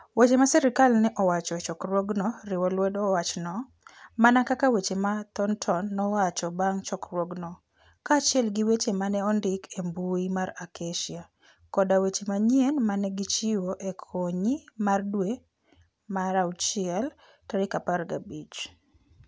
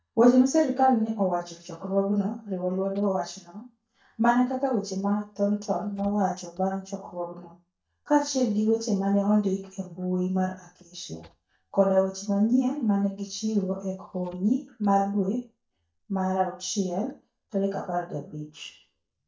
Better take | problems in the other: first | noise reduction (neural mask model DeepFilterNet 3)

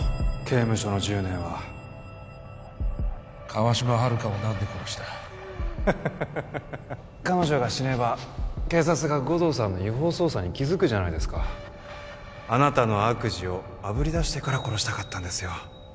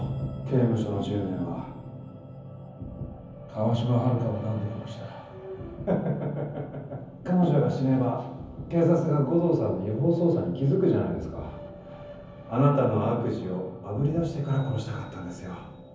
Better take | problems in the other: first | room echo; dies away in 0.7 s

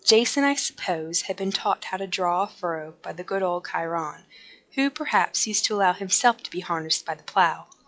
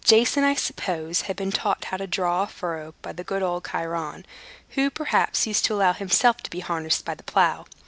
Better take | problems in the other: second | noise reduction (classical method log-MMSE)

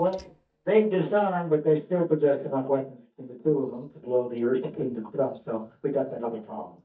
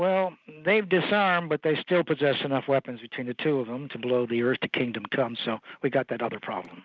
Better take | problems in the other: second | noise reduction (neural mask model DeepFilterNet 3)

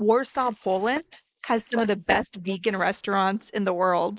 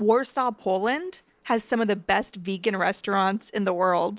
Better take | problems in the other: second | noise reduction (neural mask model Resemble Enhance denoiser)

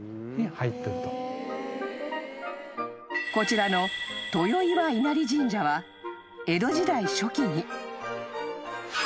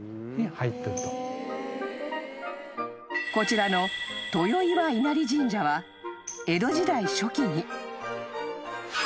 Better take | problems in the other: first | background sound (Tambourine); 19 dB below the speech

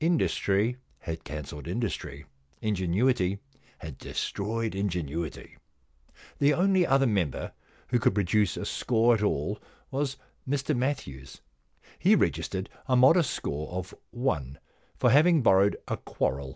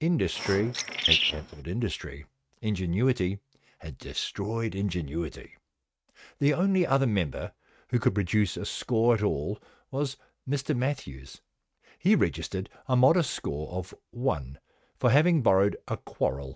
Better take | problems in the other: first | noise reduction (neural mask model RNNoise)

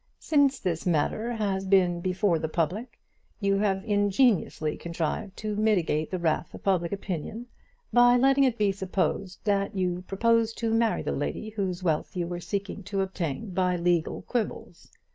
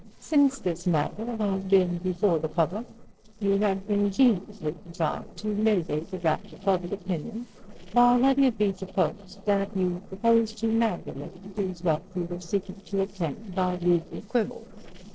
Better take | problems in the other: first | noise reduction (neural separator model SepFormer DNS4)

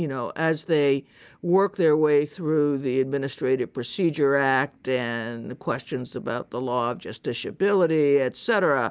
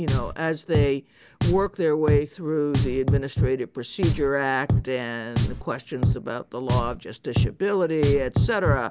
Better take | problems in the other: first | background sound (Drum); 1 dB below the speech

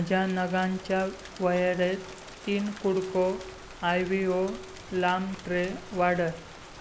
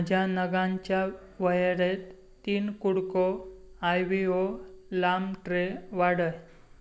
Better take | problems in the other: second | background sound (Rain); 17 dB below the speech

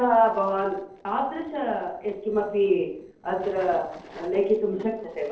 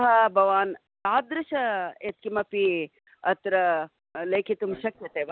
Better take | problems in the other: second | noise reduction (neural separator model SepFormer DNS4)

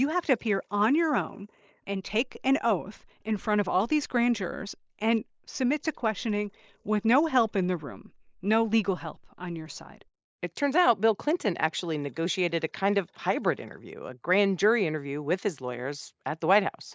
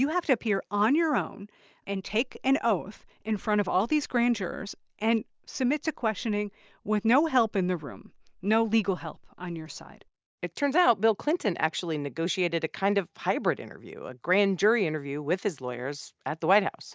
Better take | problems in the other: second | noise reduction (neural mask model Resemble Enhance denoiser)

